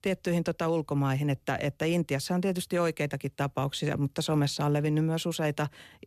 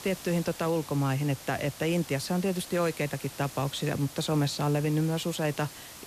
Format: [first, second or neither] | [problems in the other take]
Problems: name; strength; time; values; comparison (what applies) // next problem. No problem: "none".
first | hiss; noticeable; throughout; 15 dB below the speech